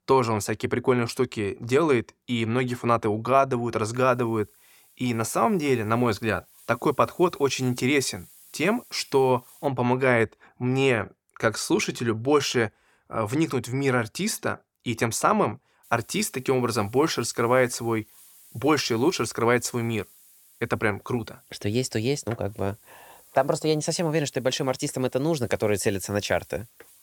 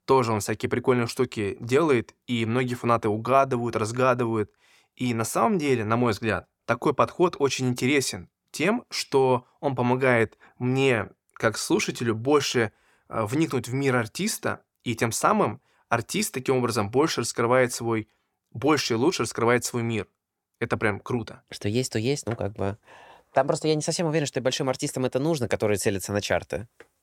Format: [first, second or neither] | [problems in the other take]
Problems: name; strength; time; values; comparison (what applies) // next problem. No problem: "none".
second | hiss; faint; from 4 to 9.5 s and from 16 s on; 25 dB below the speech